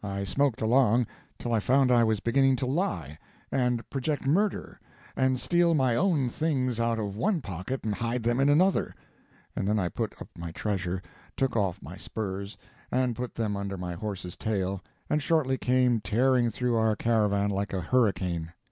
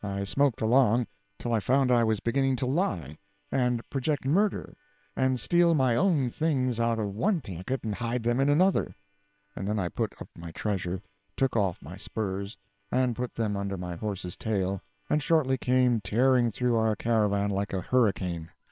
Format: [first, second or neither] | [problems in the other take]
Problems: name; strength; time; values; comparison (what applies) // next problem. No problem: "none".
first | noise reduction (neural separator model SepFormer WHAM!)